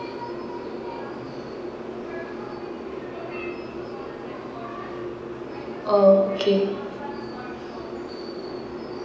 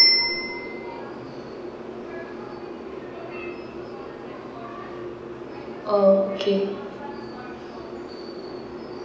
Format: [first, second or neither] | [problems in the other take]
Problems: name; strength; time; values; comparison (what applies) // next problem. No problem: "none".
first | background sound (Bicycle bell); 2 dB below the speech